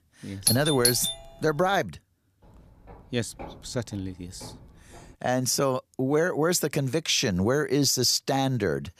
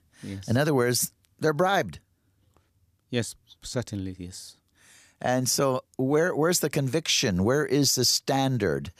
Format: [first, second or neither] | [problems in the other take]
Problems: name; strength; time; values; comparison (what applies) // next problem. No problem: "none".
second | doorbell; loud; at 0.5 s; peak 1 dB above the speech // footsteps; faint; from 2.5 to 5 s; peak 15 dB below the speech